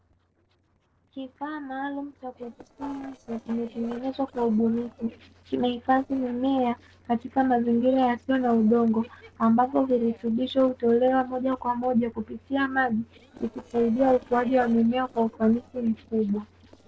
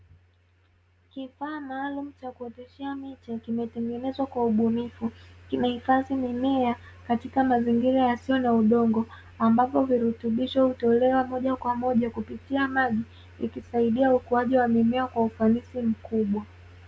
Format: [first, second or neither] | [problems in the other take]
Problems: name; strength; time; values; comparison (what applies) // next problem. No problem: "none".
second | noise reduction (neural separator model SepFormer DNS4)